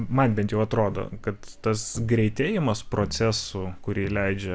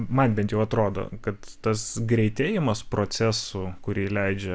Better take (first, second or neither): second